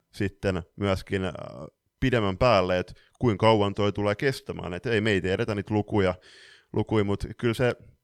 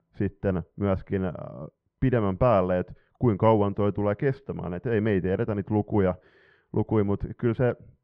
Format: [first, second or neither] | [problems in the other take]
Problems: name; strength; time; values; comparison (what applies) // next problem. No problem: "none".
first | muffled; very; fading above 1.5 kHz